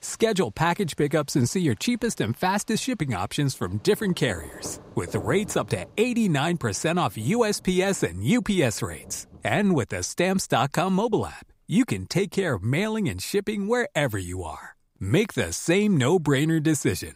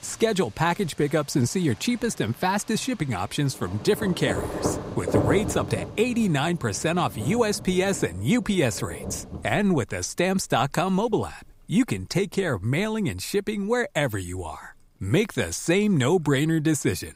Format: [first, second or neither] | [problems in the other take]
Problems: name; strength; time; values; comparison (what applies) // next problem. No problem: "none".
first | rain or running water; loud; throughout; 8 dB below the speech; faint in the first